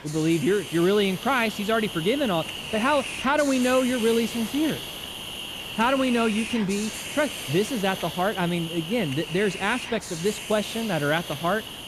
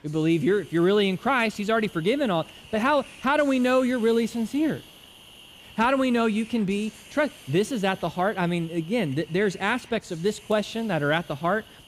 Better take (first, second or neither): second